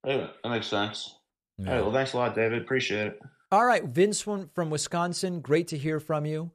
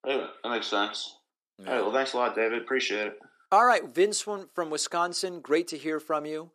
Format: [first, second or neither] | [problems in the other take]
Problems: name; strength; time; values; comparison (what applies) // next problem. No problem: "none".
first | thin; somewhat; fading below 300 Hz